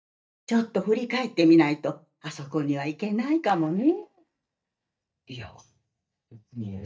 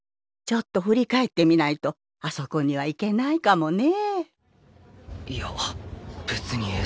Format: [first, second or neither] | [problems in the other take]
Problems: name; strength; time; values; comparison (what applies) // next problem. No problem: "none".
second | noise reduction (neural mask model DeepFilterNet 3)